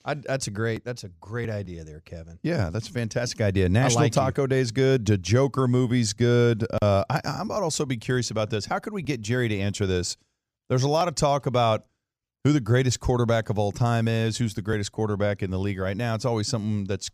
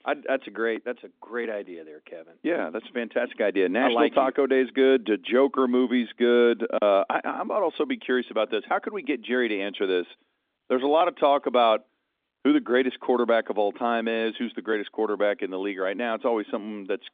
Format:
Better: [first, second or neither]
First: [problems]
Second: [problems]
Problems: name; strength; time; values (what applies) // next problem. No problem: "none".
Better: first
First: none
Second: phone-call audio; nothing above 3.5 kHz